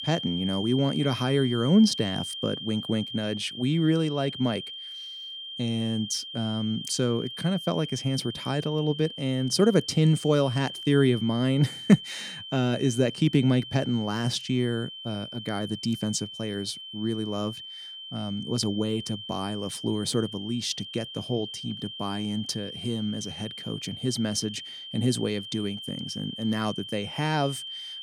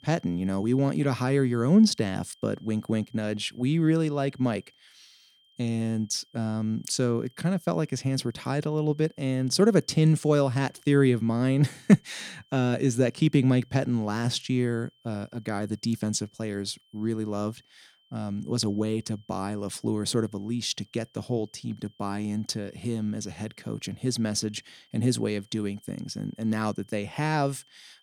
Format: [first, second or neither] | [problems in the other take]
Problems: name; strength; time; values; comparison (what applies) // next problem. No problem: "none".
second | high-pitched whine; loud; throughout; 3 kHz, 9 dB below the speech; faint in the second